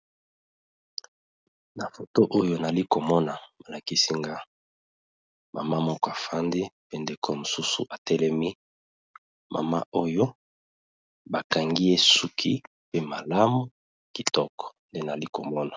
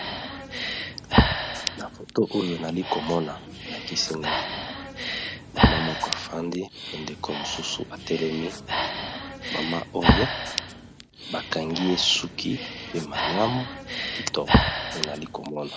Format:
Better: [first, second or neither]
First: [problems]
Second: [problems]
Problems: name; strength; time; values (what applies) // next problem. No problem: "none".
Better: first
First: none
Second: background sound (Breathing); 2 dB above the speech